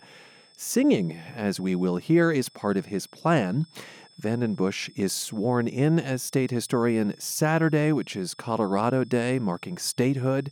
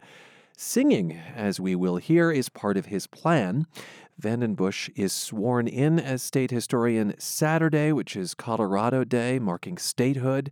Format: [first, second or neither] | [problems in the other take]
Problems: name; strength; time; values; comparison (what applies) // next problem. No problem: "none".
second | high-pitched whine; faint; throughout; 5 kHz, 30 dB below the speech